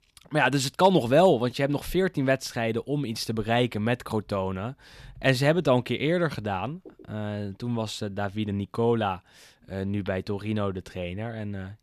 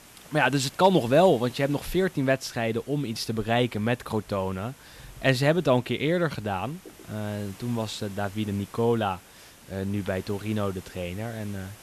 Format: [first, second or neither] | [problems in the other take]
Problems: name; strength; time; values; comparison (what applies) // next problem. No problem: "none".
first | hiss; faint; throughout; 20 dB below the speech